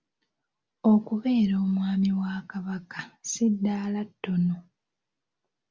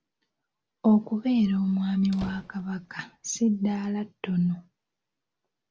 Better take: first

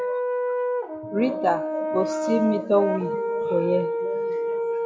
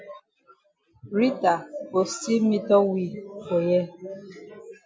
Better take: second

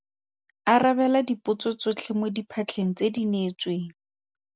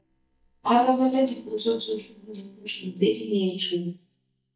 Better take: first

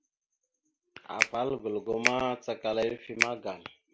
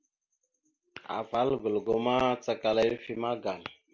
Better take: second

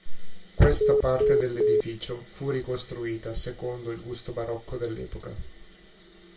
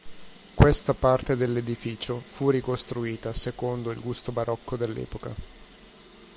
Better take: second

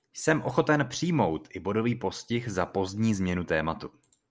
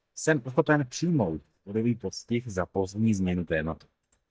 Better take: first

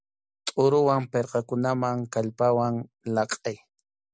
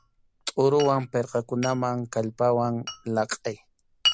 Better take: first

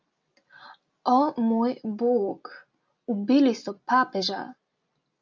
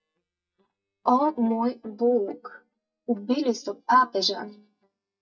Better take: first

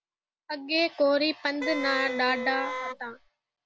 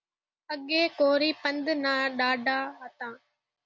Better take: second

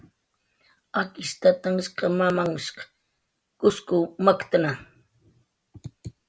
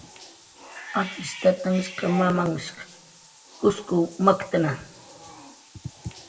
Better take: first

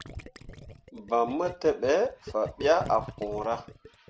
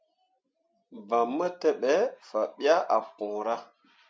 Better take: second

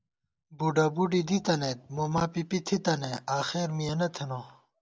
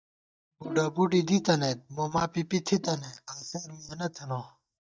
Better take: first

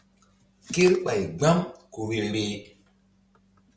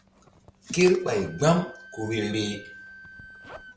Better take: first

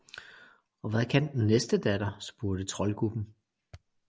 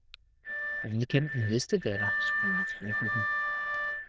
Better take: first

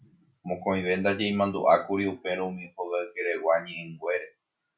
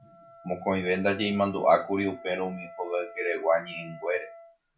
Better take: first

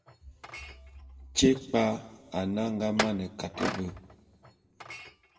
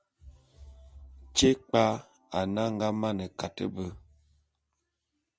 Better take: second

